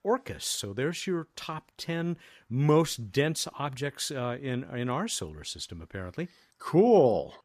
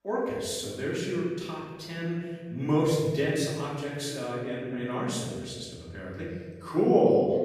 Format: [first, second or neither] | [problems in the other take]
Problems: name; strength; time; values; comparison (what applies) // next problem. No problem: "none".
first | off-mic speech; far // room echo; noticeable; dies away in 1.5 s